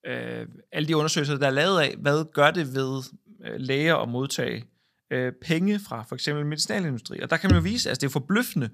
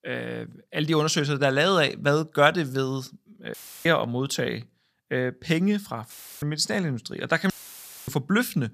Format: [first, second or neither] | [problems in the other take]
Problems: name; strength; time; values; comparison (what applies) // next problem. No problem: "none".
first | audio cutting out; filled with static; at 3.5 s, at 6 s and at 7.5 s for 0.5 s